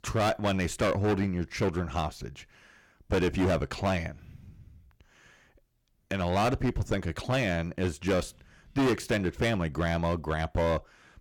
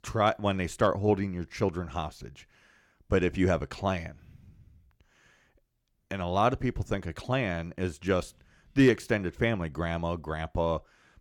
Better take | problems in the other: second | distortion; heavy; 10% of the sound clipped

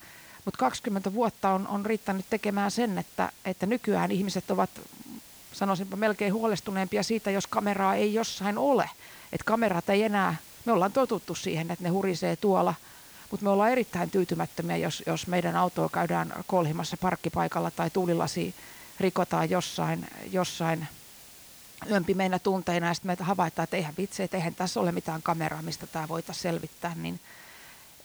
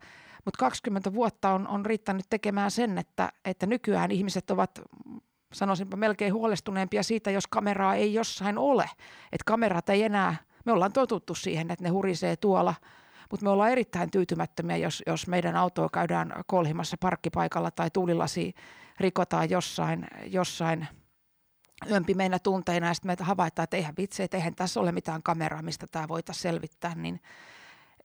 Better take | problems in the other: second | hiss; noticeable; throughout; 20 dB below the speech

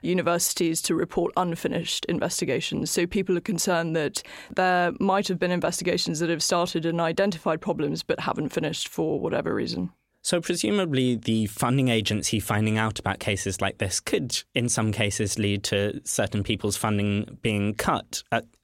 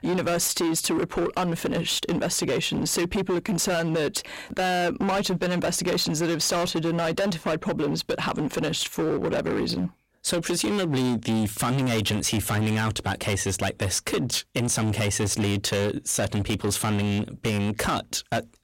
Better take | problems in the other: first | distortion; heavy; 24% of the sound clipped

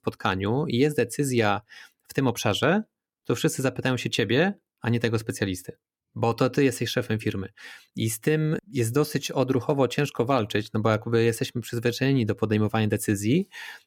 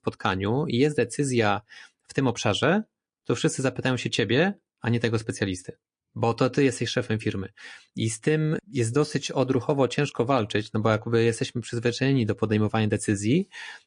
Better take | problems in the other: first | garbled, watery; slightly; nothing above 9 kHz

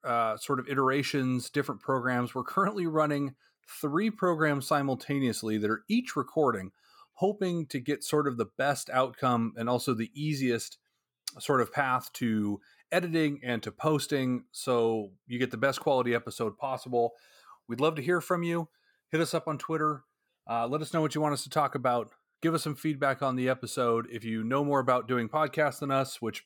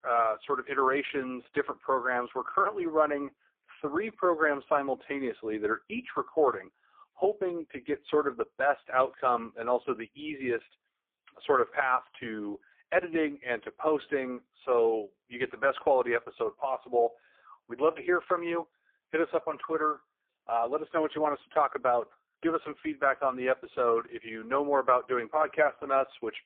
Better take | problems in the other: first | phone-call audio; poor line

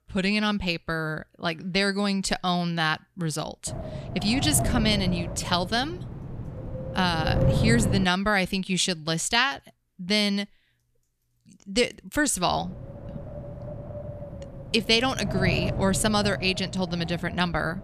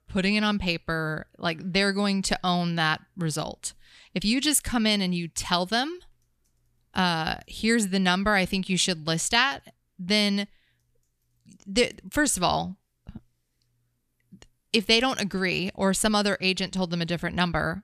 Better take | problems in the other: second | wind noise on the microphone; occasional gusts; from 3.5 to 8 s and from 13 s on; 10 dB below the speech

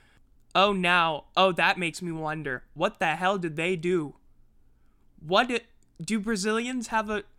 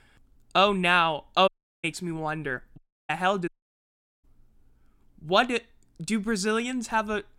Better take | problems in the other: first | audio cutting out; at 1.5 s, at 3 s and at 3.5 s for 1 s

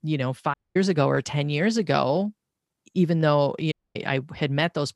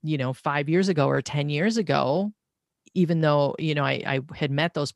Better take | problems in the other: second | audio cutting out; at 0.5 s and at 3.5 s

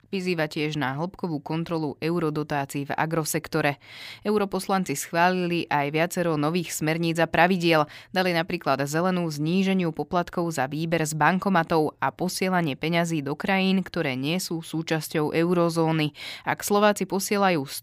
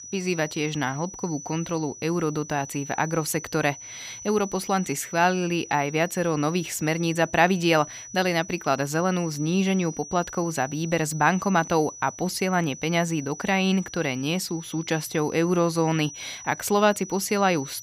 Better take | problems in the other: first | high-pitched whine; noticeable; throughout; 6 kHz, 15 dB below the speech

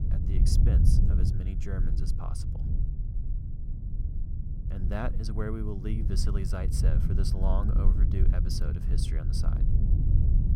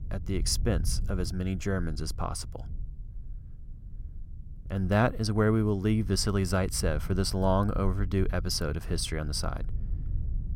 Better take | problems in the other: second | low rumble; loud; throughout; 3 dB below the speech; faint in the second

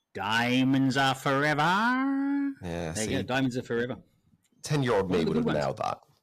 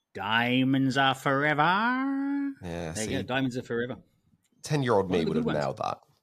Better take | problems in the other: second | distortion; slight; 5% of the sound clipped

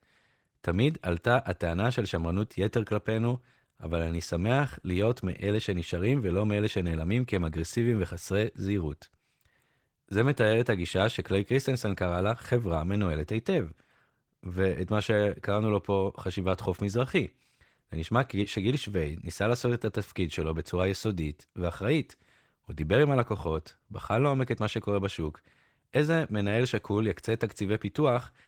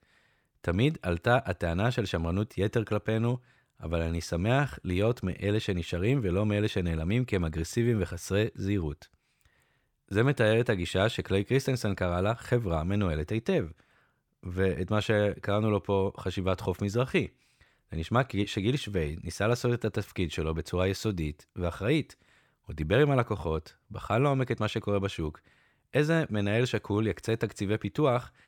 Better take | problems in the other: second | garbled, watery; slightly; nothing above 19 kHz

